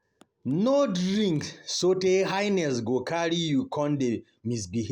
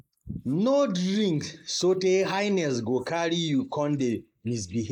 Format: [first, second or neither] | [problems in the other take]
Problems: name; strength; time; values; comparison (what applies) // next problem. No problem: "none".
first | noise reduction (neural mask model Resemble Enhance denoiser)